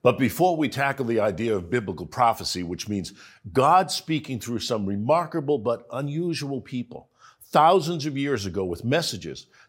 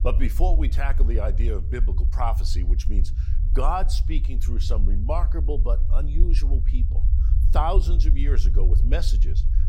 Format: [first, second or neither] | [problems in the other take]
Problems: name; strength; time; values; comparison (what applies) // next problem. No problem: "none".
first | low rumble; noticeable; throughout; 15 dB below the speech